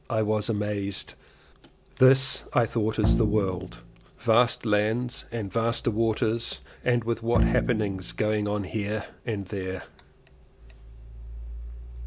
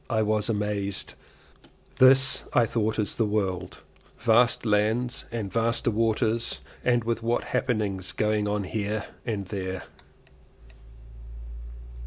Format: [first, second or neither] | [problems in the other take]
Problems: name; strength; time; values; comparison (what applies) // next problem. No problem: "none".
second | background sound (Bowed string instrument); 2 dB below the speech